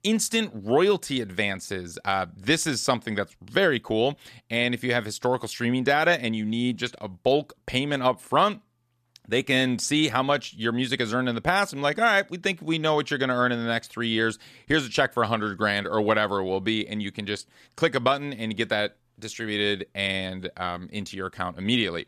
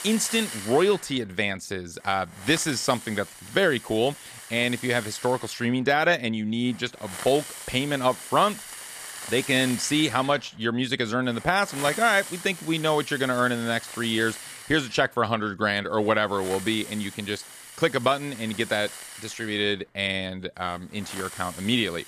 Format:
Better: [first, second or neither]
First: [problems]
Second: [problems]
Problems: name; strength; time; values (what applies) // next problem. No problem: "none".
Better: first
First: none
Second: hiss; noticeable; throughout; 10 dB below the speech